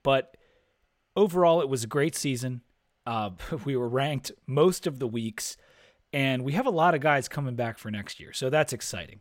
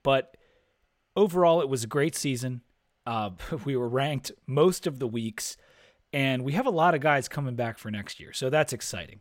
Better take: neither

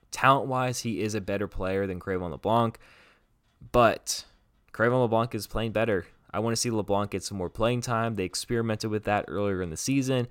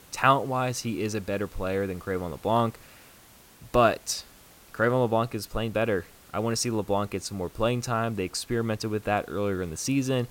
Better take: first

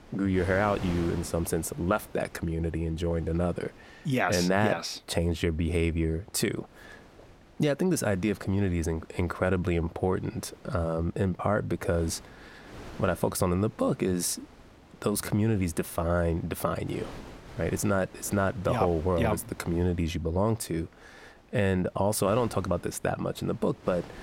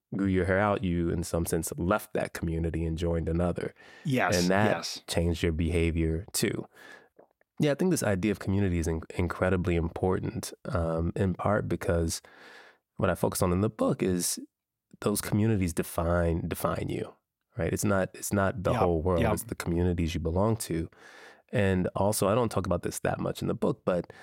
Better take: second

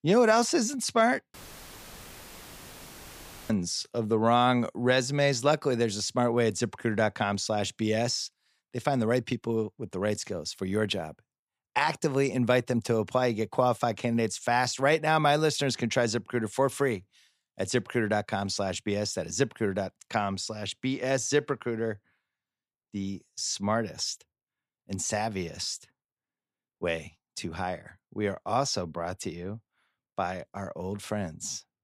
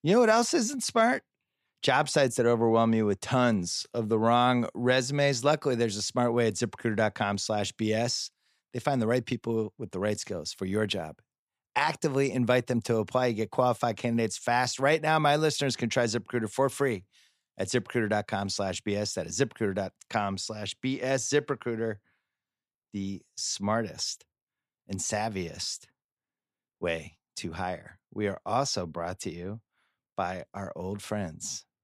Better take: second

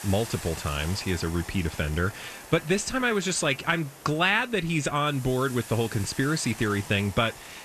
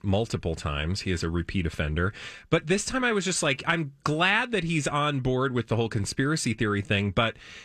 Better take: second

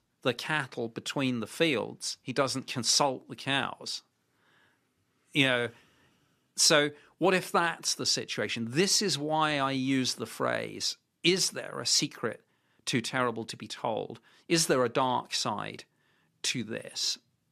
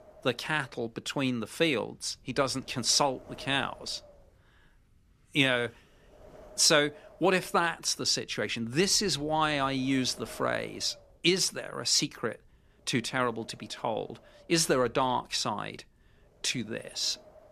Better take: first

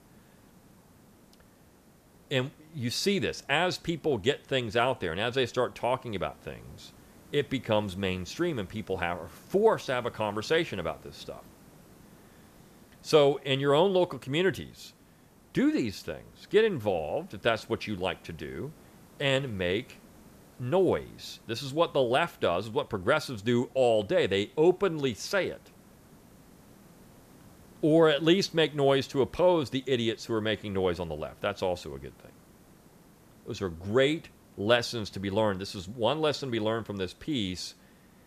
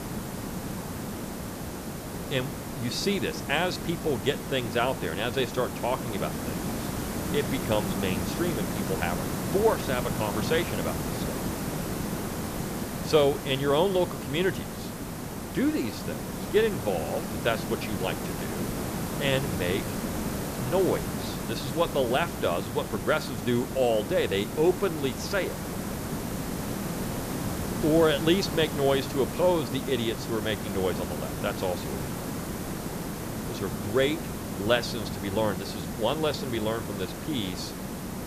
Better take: first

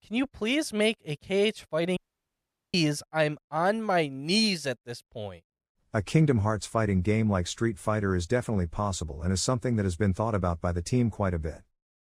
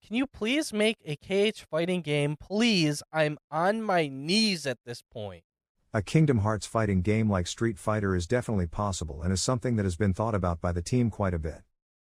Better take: second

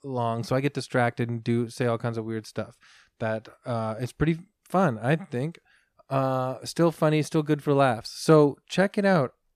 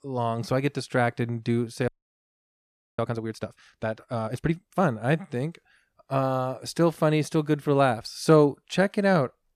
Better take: first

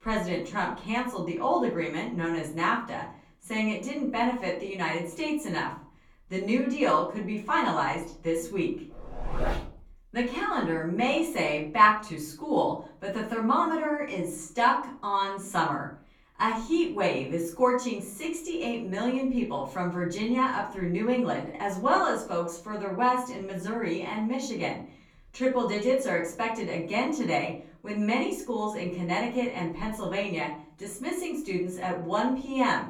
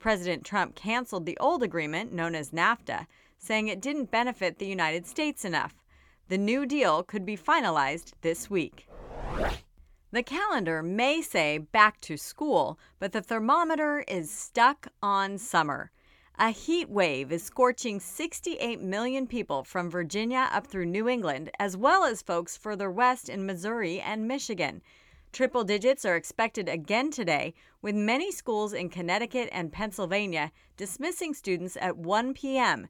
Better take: second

